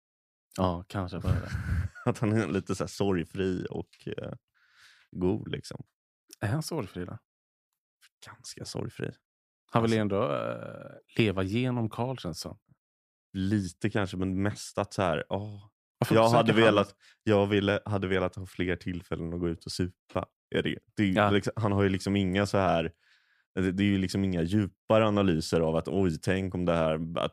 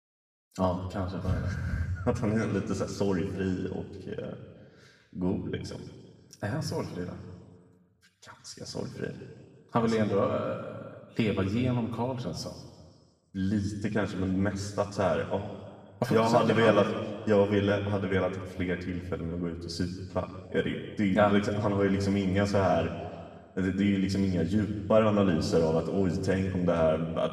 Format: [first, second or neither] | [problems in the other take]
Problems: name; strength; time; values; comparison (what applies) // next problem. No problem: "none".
first | room echo; slight; dies away in 1.6 s // off-mic speech; far